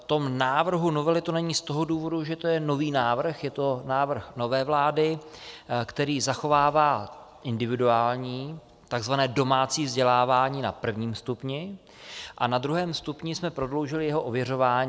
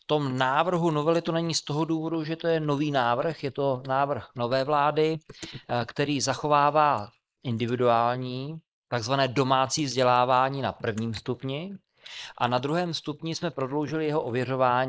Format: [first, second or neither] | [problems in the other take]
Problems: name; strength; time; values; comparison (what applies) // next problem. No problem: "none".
first | noise reduction (neural mask model Resemble Enhance denoiser)